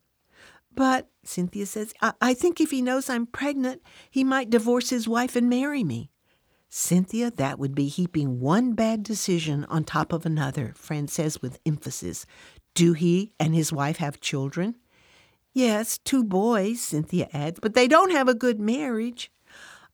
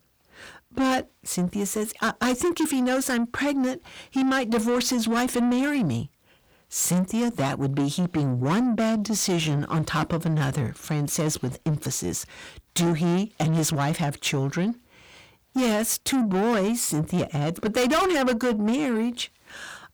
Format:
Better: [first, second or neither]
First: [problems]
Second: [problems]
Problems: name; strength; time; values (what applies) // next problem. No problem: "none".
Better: first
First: none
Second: distortion; heavy; 7 dB below the speech